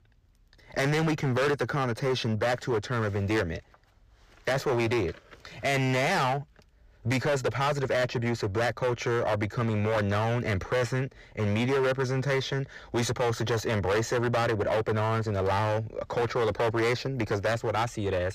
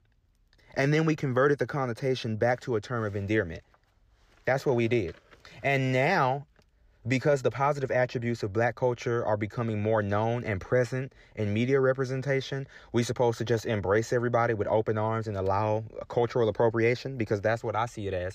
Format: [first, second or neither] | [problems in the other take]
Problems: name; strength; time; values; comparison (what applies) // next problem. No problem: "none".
second | distortion; heavy; 19% of the sound clipped